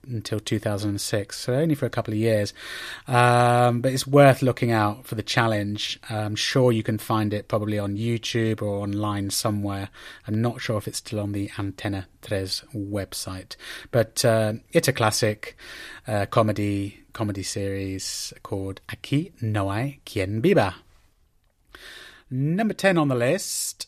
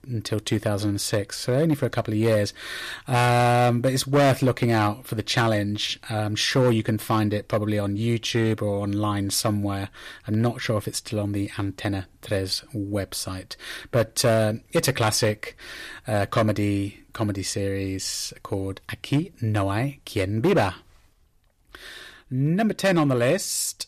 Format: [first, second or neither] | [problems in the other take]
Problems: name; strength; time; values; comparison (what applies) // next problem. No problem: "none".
first | distortion; slight; 3% of the sound clipped